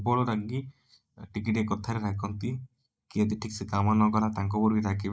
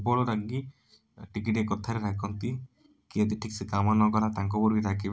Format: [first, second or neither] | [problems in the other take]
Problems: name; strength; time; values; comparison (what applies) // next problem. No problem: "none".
second | noise reduction (neural mask model Resemble Enhance denoiser)